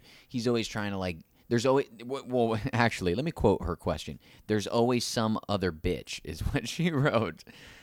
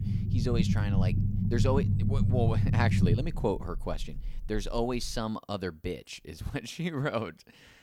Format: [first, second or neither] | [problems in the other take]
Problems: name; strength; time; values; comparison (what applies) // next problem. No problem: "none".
first | low rumble; loud; until 5 s; 4 dB below the speech